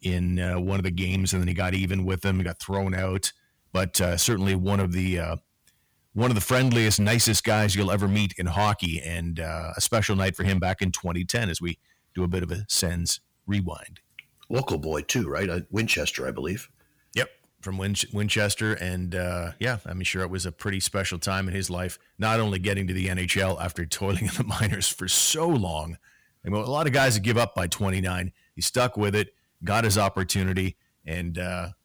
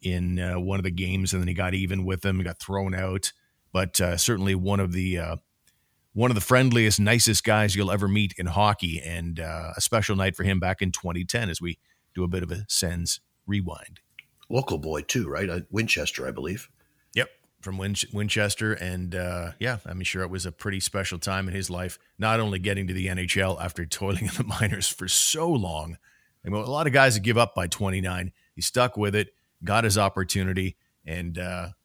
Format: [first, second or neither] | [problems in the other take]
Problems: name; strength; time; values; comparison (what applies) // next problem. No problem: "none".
second | distortion; slight; 4% of the sound clipped